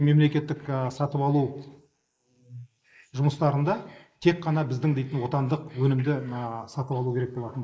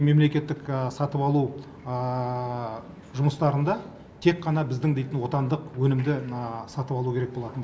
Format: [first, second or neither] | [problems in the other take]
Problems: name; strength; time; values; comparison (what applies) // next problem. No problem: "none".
second | noise reduction (neural mask model Resemble Enhance denoiser)